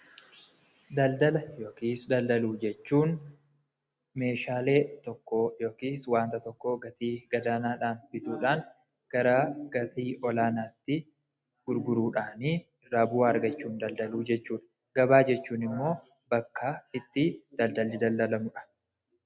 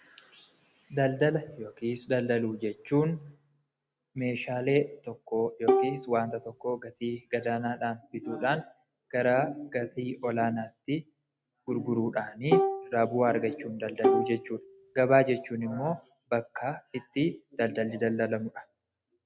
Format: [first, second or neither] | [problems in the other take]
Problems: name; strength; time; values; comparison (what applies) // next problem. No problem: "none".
first | background sound (Bowed string instrument); 1 dB above the speech